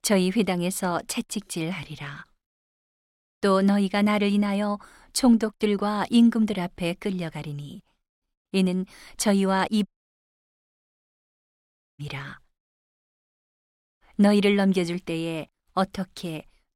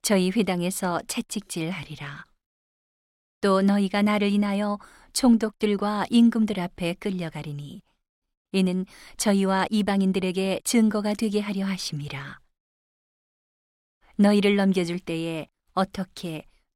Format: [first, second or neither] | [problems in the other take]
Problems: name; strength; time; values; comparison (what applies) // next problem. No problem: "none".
second | audio cutting out; at 10 s for 2 s